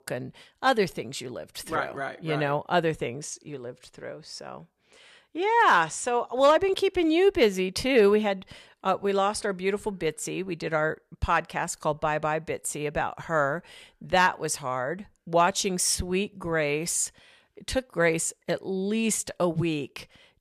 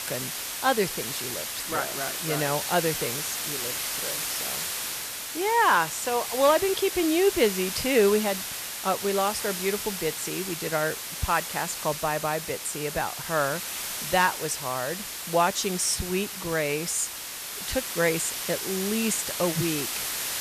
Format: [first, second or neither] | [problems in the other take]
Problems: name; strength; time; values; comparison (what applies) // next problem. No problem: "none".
first | hiss; loud; throughout; 4 dB below the speech